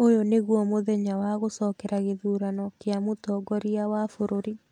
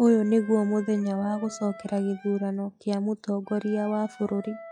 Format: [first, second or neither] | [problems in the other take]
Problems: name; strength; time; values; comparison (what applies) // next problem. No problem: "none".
first | noise reduction (classical method log-MMSE)